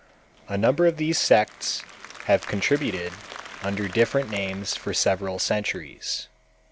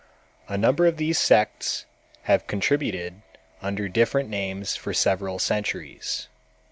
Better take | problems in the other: second | background sound (Applause); 18 dB below the speech

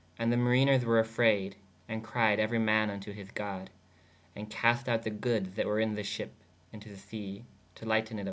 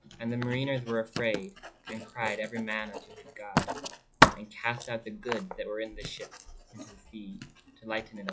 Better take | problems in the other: first | noise reduction (classical method log-MMSE)

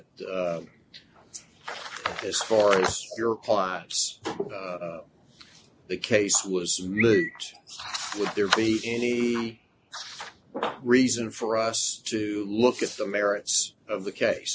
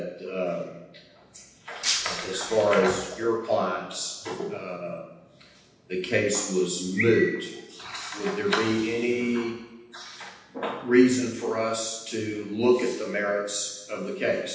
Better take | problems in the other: first | background sound (Shatter); 4 dB below the speech // room echo; dies away in 0.9 s

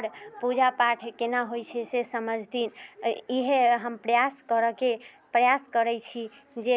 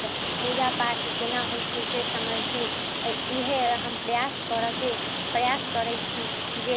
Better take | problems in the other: first | background sound (Rain); as loud as the speech

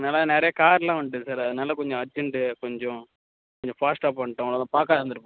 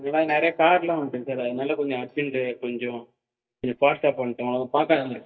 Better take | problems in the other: first | noise reduction (neural mask model DeepFilterNet 3)

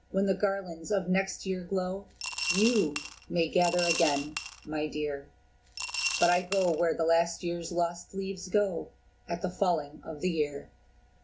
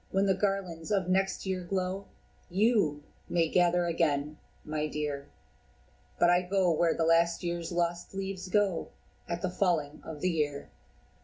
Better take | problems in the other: second | background sound (Coin (dropping) / Glass); 6 dB below the speech

